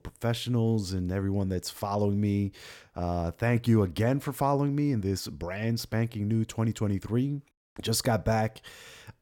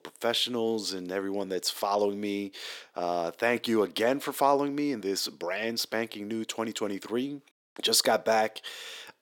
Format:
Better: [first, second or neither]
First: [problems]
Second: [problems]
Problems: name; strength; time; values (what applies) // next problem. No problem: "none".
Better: first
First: none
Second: thin; somewhat; fading below 300 Hz